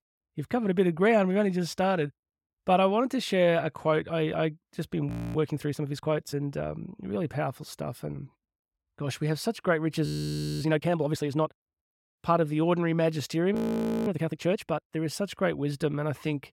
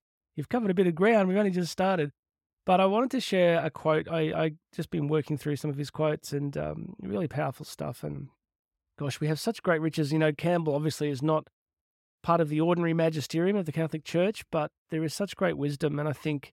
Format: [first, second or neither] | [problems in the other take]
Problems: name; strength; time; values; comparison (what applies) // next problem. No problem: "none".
second | audio freezing; at 5 s, at 10 s for 0.5 s and at 14 s for 0.5 s